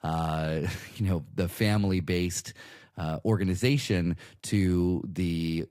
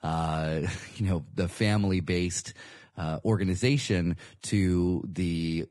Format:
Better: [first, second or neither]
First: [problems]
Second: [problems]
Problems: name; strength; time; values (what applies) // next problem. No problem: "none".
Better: first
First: garbled, watery; slightly; nothing above 15 kHz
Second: garbled, watery; badly; nothing above 10.5 kHz